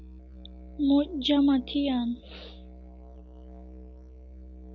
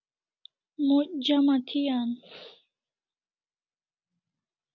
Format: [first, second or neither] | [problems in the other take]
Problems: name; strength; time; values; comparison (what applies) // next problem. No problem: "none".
second | background sound (Musical instrument); 16 dB below the speech